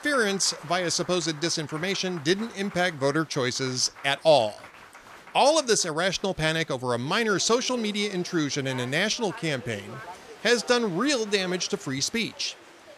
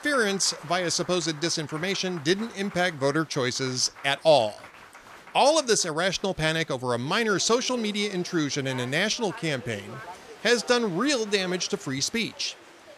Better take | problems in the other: neither | crowd noise; noticeable; throughout; 20 dB below the speech; the same in both

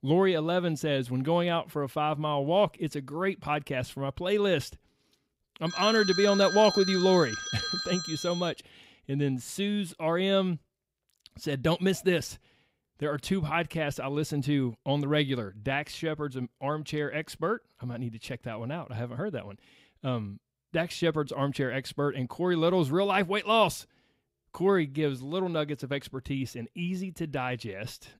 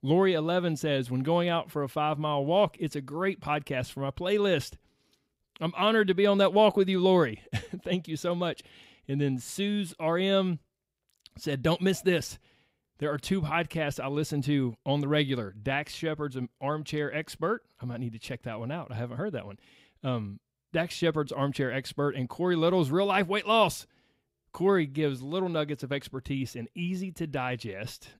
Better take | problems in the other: second | phone ringing; noticeable; from 5.5 to 8.5 s; peak 1 dB below the speech

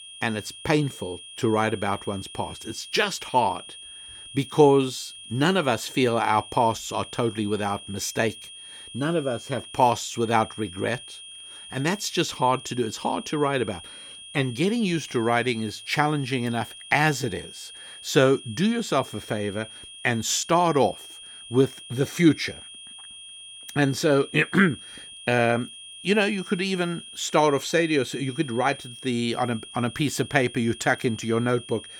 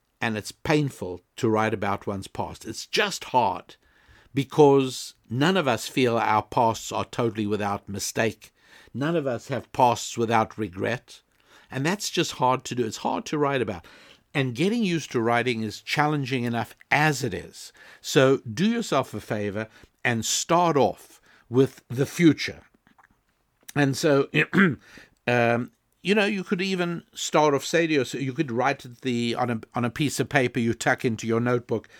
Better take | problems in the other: second | high-pitched whine; noticeable; throughout; 3 kHz, 15 dB below the speech

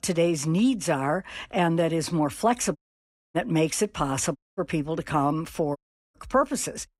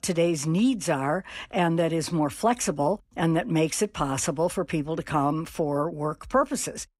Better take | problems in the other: second | audio cutting out; at 3 s for 0.5 s, at 4.5 s and at 6 s

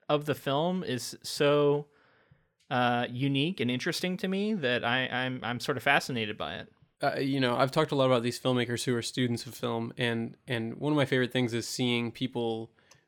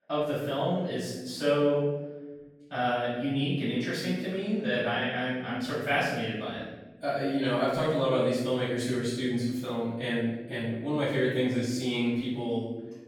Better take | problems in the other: first | off-mic speech; far // room echo; strong; dies away in 1 s

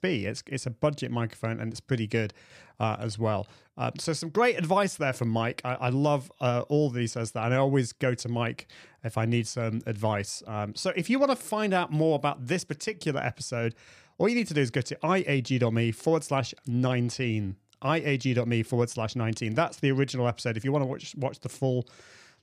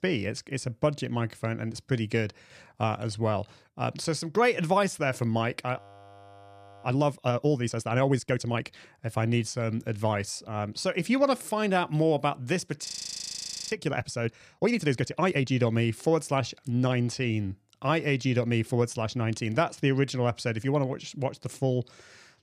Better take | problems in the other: first | audio freezing; at 6 s for 1 s and at 13 s for 1 s

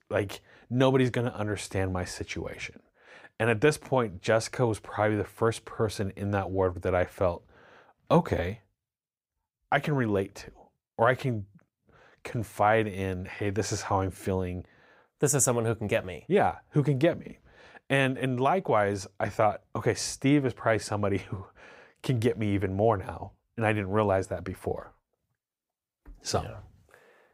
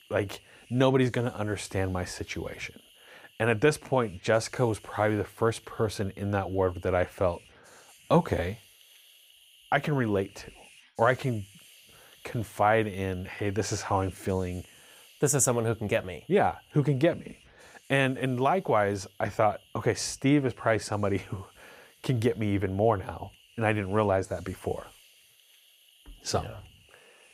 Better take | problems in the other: first | hiss; faint; throughout; 25 dB below the speech

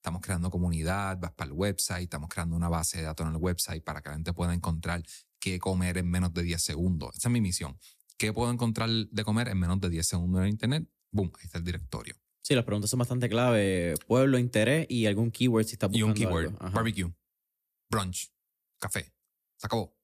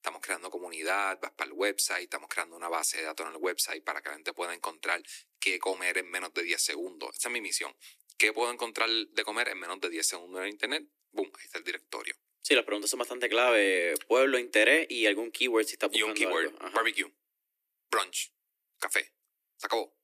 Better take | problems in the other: first | thin; very; fading below 300 Hz

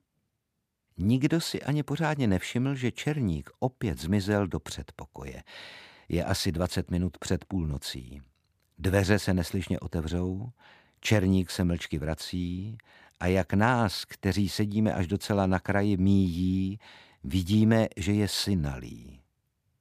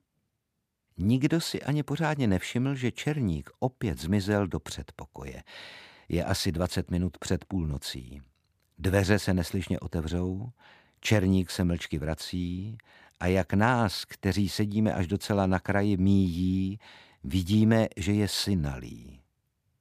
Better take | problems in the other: neither | none

